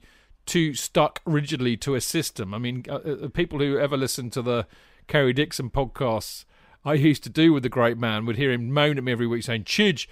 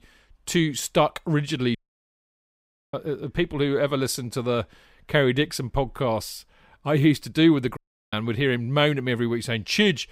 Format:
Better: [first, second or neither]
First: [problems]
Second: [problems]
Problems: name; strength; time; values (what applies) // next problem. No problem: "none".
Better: first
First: none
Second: audio cutting out; at 2 s for 1 s and at 8 s